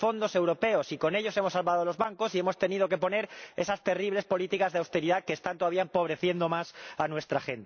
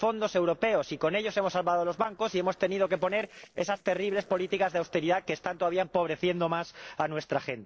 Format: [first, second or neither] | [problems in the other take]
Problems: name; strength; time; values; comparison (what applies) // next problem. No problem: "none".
first | noise reduction (neural separator model SepFormer DNS4)